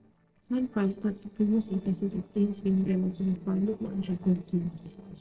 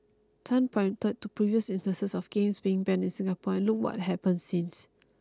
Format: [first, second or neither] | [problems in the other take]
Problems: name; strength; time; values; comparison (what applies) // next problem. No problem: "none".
second | noise reduction (neural separator model SepFormer DNS4)